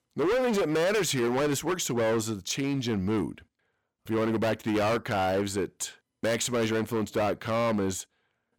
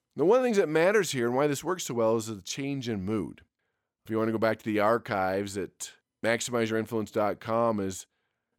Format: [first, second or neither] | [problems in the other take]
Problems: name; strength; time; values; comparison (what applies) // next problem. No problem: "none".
second | distortion; heavy; 19% of the sound clipped